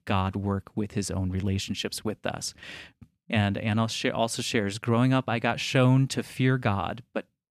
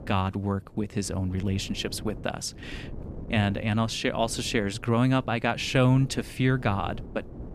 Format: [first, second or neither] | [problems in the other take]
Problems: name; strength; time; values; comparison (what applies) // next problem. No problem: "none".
first | wind noise on the microphone; occasional gusts; 20 dB below the speech